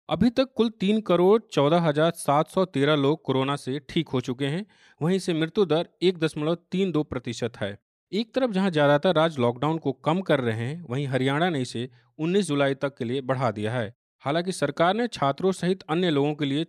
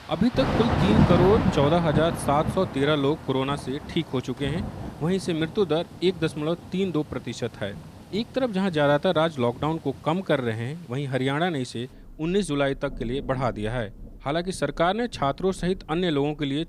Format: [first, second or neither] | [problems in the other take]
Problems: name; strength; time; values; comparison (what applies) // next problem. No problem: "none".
first | rain or running water; loud; throughout; 3 dB below the speech